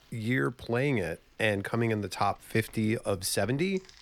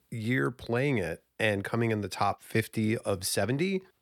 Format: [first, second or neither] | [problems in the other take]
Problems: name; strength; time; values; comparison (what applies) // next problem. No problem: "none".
second | household noises; faint; throughout; 30 dB below the speech